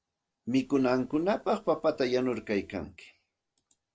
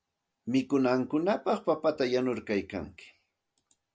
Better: second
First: noise reduction (neural separator model SepFormer DNS4)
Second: none

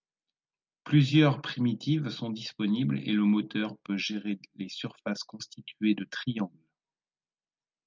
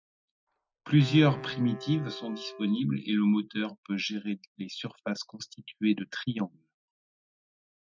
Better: first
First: none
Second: noise reduction (classical method Wiener filter)

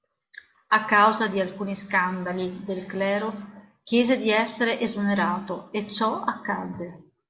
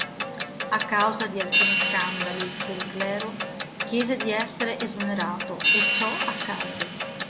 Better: first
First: none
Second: background sound (Clock + Hi-hat); 2 dB above the speech

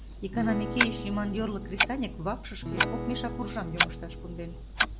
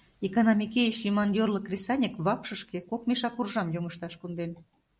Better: second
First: background sound (Clock + Acoustic guitar / Strum); 2 dB above the speech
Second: none

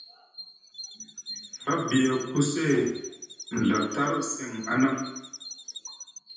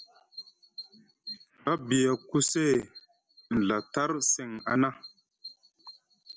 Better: second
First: background sound (Chirp, tweet); 15 dB below the speech // room echo; dies away in 0.9 s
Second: none

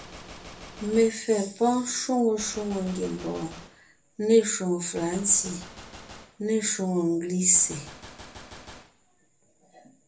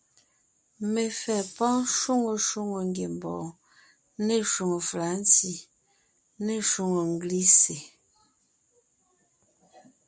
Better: second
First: background sound (Gunshot, gunfire); 19 dB below the speech // room echo; dies away in 0.3 s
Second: none

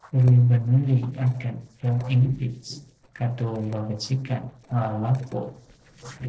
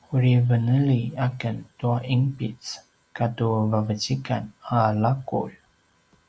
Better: second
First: noise reduction (neural separator model SepFormer DNS4)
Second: none

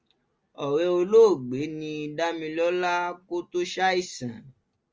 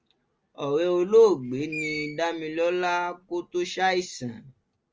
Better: first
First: none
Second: background sound (Screech); 16 dB below the speech

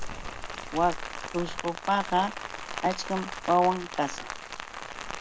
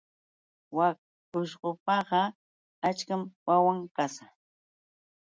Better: second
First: background sound (Rain); 7 dB below the speech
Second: none

